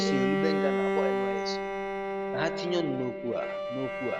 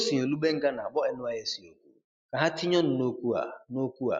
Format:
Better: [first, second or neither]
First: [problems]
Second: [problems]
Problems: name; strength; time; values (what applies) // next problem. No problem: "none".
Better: second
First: background sound (Bowed string instrument); 3 dB above the speech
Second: none